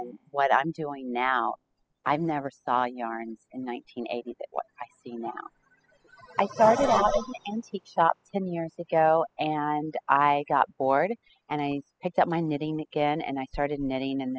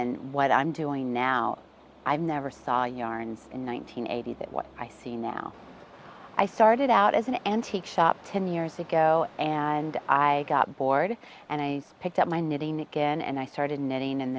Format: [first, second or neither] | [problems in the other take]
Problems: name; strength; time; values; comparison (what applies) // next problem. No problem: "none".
second | noise reduction (classical method spectral subtraction)